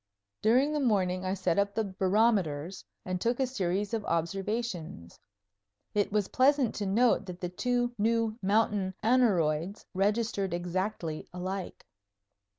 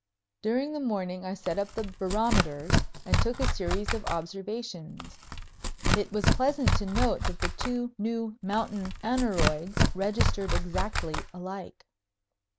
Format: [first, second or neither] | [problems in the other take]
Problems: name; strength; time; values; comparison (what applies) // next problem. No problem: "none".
first | background sound (Tearing); 3 dB above the speech